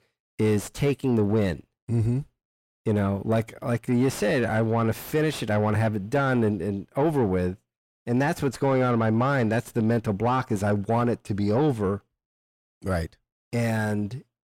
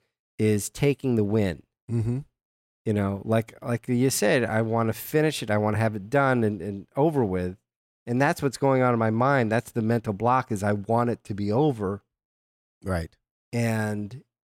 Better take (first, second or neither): second